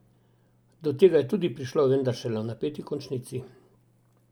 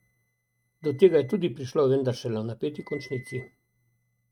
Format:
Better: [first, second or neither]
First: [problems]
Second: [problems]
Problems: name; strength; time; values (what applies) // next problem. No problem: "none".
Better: first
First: none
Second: noise reduction (neural mask model RNNoise)